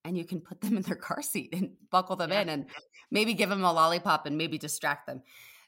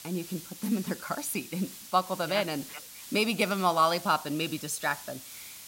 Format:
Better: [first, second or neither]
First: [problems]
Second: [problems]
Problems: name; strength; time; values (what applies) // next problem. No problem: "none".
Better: first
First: none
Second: hiss; noticeable; throughout; 15 dB below the speech